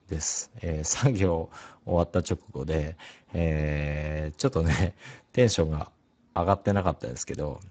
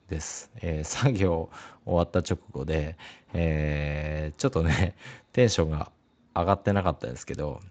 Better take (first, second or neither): second